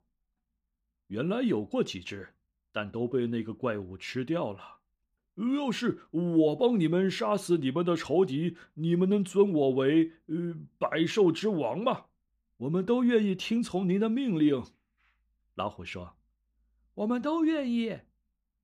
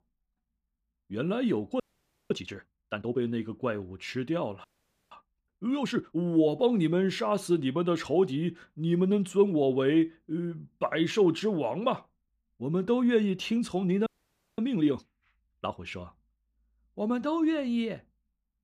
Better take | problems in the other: first | audio freezing; at 2 s, at 4.5 s and at 14 s for 0.5 s

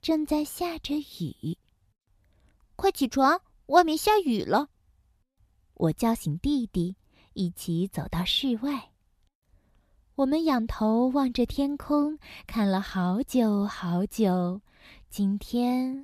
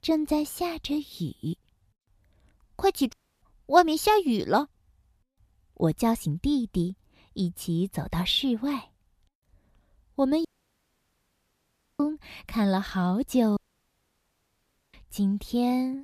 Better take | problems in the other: first | audio cutting out; at 3 s, at 10 s for 1.5 s and at 14 s for 1.5 s

